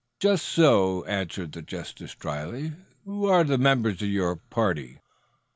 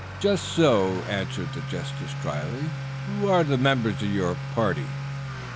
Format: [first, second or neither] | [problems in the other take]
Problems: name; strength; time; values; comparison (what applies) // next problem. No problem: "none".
first | background sound (Accelerating, revving, vroom / Motor vehicle (road)); 6 dB below the speech